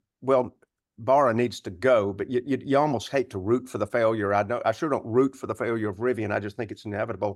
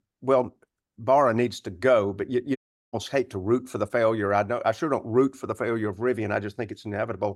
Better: first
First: none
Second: audio cutting out; at 2.5 s

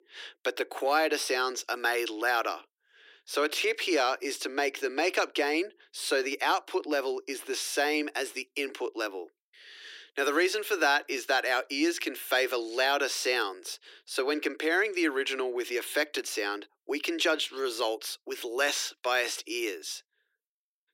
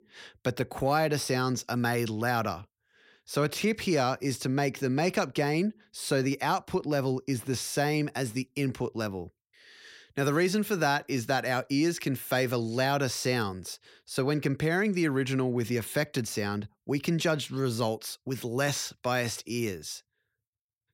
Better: second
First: thin; very; fading below 300 Hz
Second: none

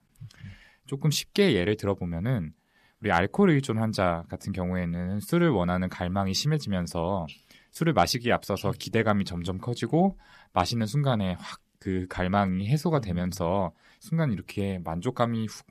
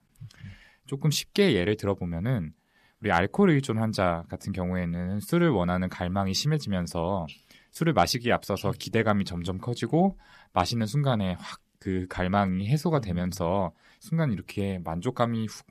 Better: neither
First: none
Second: none

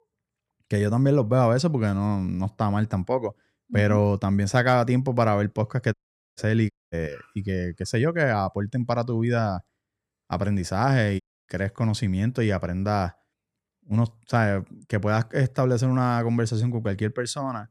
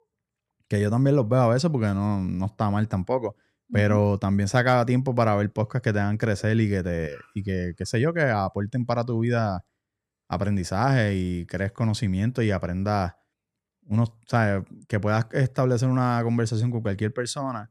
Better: second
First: audio cutting out; at 6 s, at 6.5 s and at 11 s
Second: none

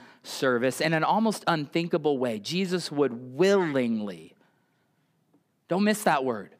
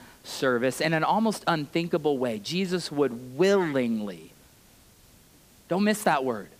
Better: first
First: none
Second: hiss; faint; throughout; 30 dB below the speech

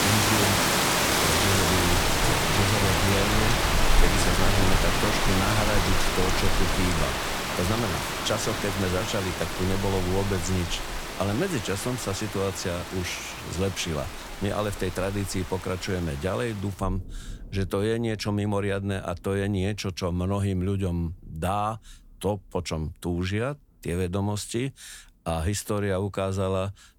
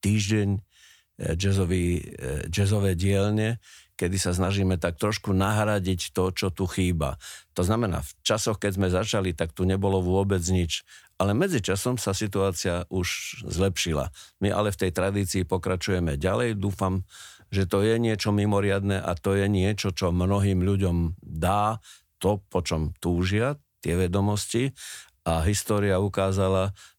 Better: second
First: rain or running water; very loud; throughout; 3 dB above the speech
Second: none

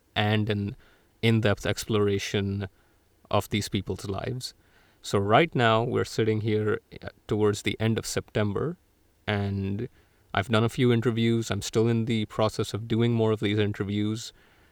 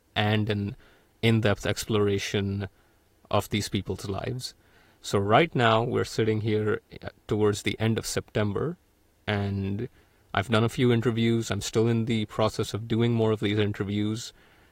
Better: first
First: none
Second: garbled, watery; slightly; nothing above 15.5 kHz

